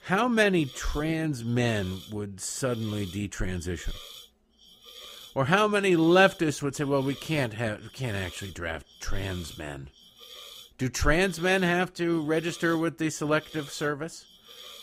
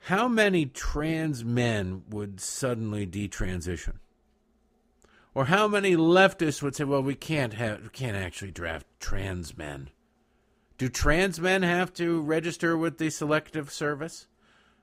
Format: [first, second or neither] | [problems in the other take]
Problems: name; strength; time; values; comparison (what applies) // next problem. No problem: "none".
second | hiss; noticeable; throughout; 20 dB below the speech